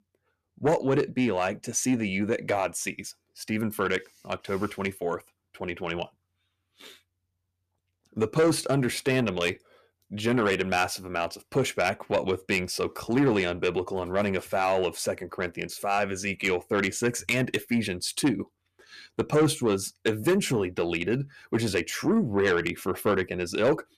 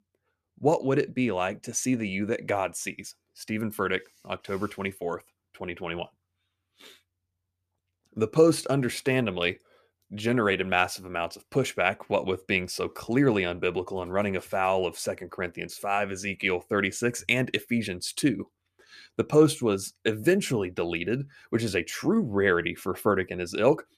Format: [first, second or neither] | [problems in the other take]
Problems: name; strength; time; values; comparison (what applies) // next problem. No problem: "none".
second | distortion; slight; 10 dB below the speech